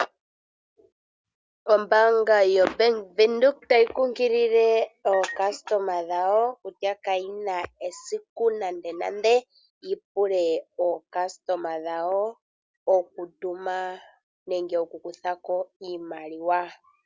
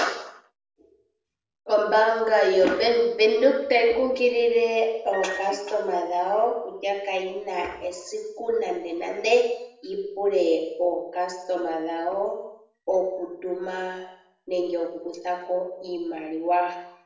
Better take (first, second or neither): first